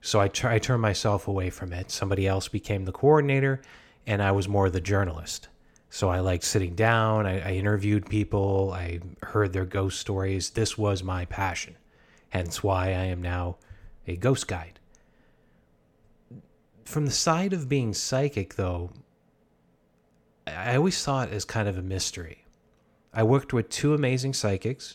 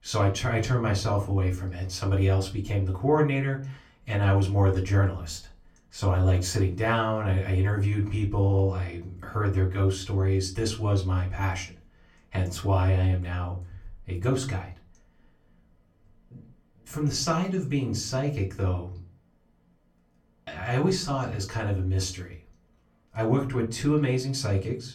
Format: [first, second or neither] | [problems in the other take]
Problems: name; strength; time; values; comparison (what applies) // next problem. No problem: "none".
first | off-mic speech; far // room echo; very slight; dies away in 0.3 s